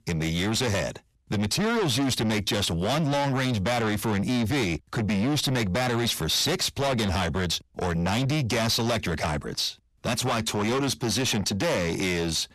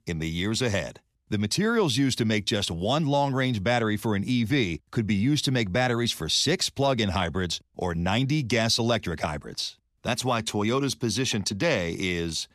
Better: second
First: distortion; heavy; 7 dB below the speech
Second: none

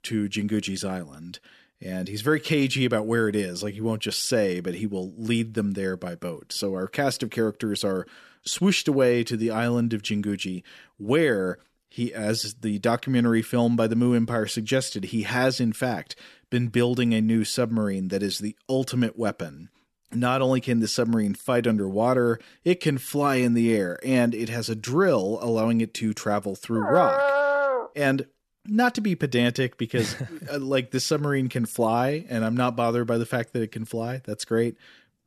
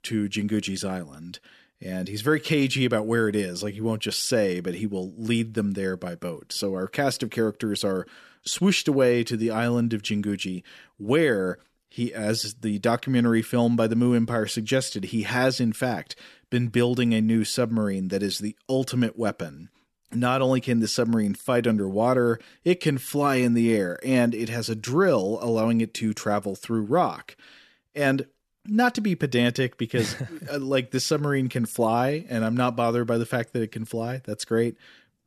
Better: second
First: dog barking; loud; from 27 to 28 s; peak 4 dB above the speech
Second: none

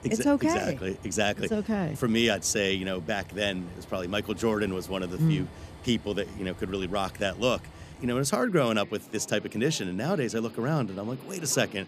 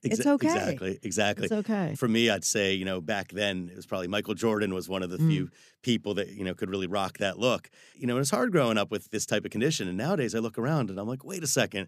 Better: second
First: train or aircraft noise; noticeable; throughout; 20 dB below the speech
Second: none

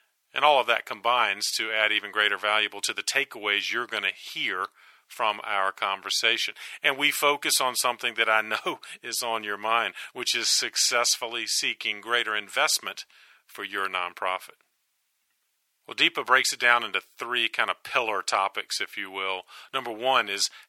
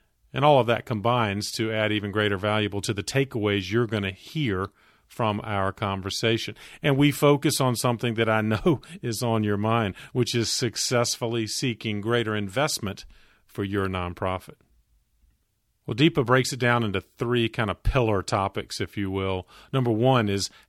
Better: second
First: thin; very; fading below 900 Hz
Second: none

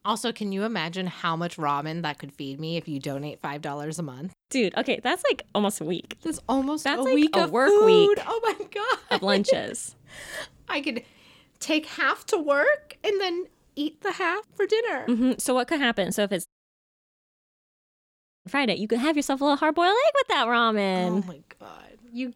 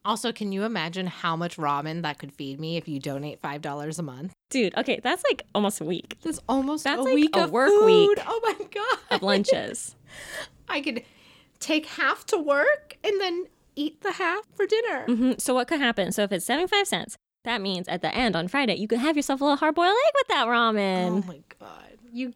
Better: second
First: audio cutting out; at 16 s for 2 s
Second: none

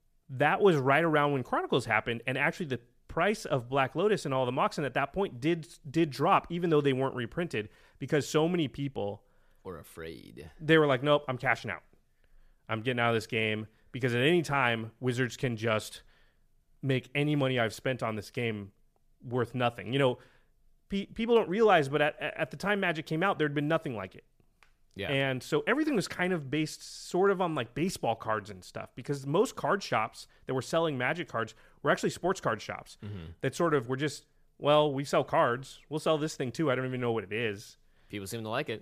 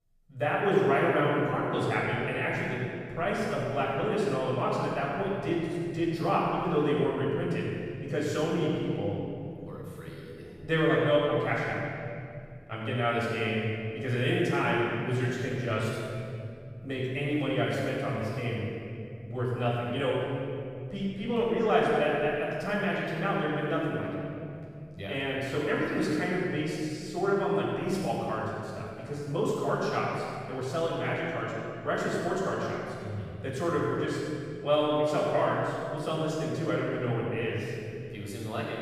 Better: first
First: none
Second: off-mic speech; far // room echo; strong; dies away in 2.7 s

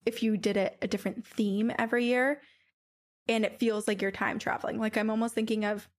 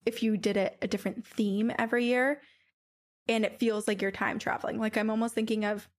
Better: neither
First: none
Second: none

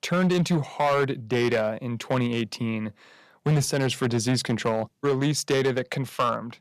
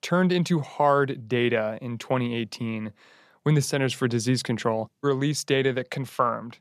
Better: second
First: distortion; slight; 7% of the sound clipped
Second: none

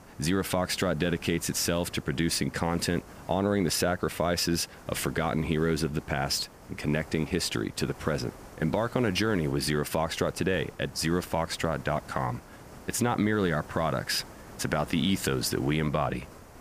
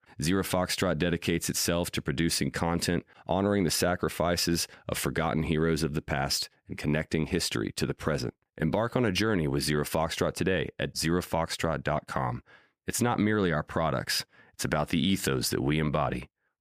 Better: second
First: hiss; noticeable; throughout; 20 dB below the speech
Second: none

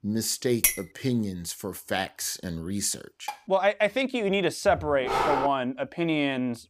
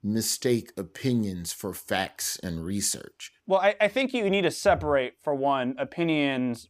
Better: second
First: clattering dishes; loud; at 0.5 s; peak 3 dB above the speech // clattering dishes; faint; at 3.5 s; peak 10 dB below the speech // dog barking; loud; at 5 s; peak 2 dB above the speech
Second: none

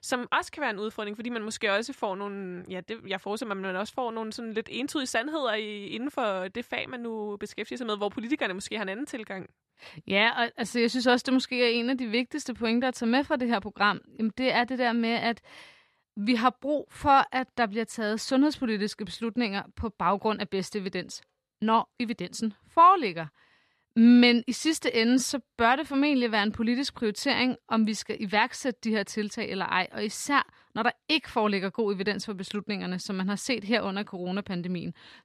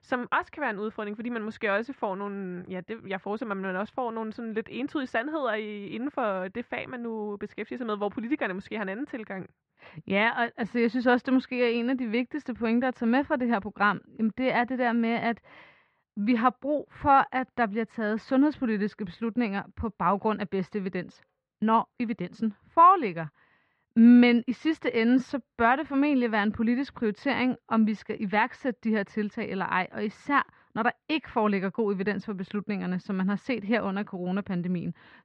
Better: first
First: none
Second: muffled; very; fading above 2 kHz

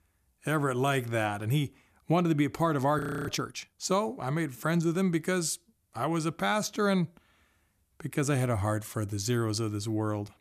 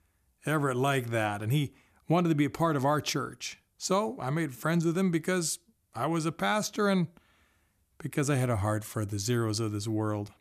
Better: second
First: audio freezing; at 3 s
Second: none

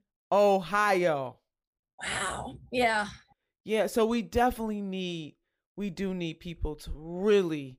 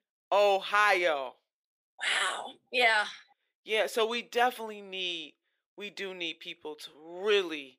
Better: first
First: none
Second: thin; somewhat; fading below 350 Hz

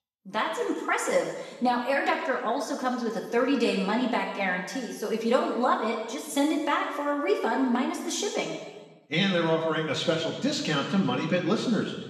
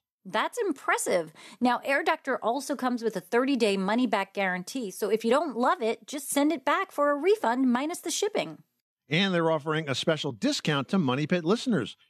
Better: second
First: room echo; noticeable; dies away in 1.2 s // off-mic speech; far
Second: none

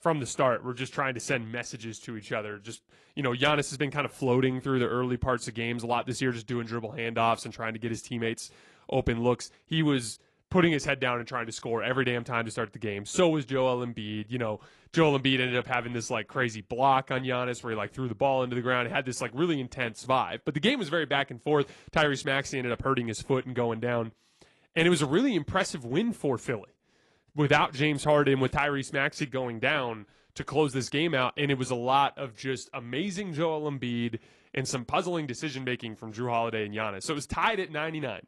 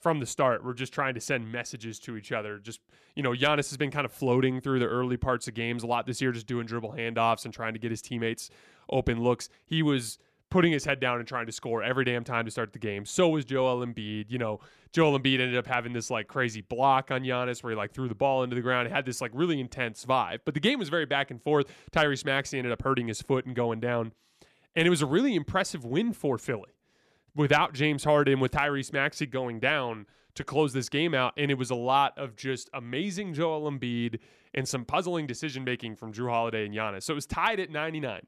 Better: second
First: garbled, watery; slightly; nothing above 11 kHz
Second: none

